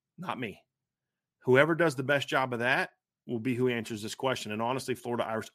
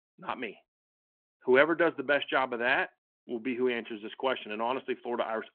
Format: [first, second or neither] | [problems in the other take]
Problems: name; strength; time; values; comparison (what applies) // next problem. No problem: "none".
first | phone-call audio